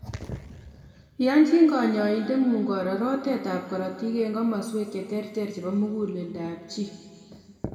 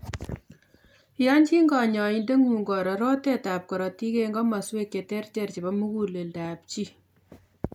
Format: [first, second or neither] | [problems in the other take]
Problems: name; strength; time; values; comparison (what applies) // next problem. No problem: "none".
second | room echo; dies away in 2 s